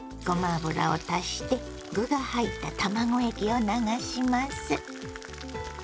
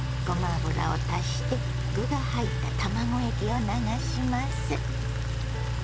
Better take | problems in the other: first | background sound (Engine); 4 dB above the speech

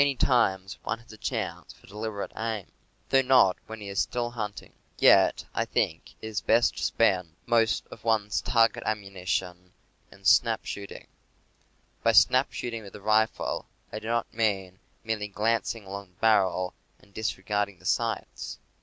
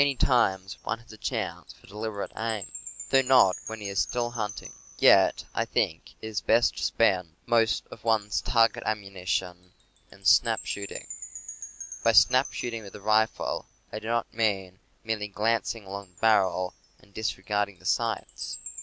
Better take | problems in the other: first | background sound (Wind chime); 17 dB below the speech

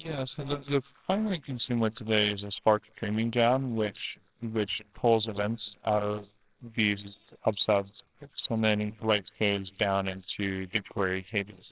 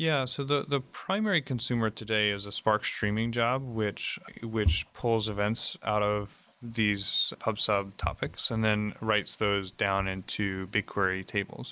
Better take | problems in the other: second | noise reduction (neural separator model SepFormer WHAMR!)

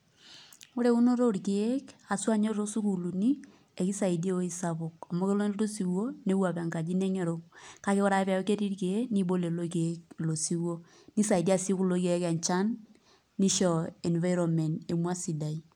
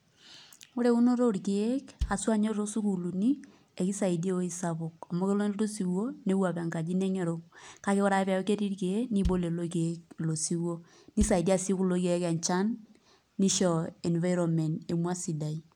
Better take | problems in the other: first | background sound (Bass drum); 11 dB below the speech

